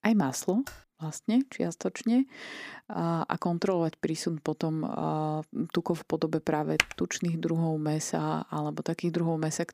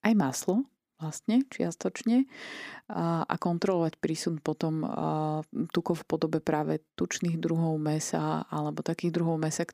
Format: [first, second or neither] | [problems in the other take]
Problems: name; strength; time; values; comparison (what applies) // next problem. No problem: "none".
second | keyboard typing; faint; at 0.5 s; peak 15 dB below the speech // keyboard typing; very faint; at 7 s; peak 2 dB above the speech